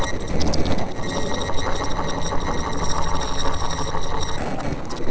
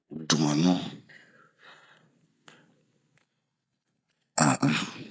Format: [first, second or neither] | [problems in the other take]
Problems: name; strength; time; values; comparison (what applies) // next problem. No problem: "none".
second | noise reduction (neural separator model SepFormer DNS4)